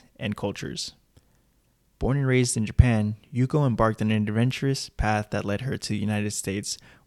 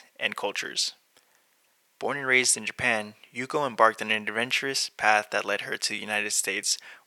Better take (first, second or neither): first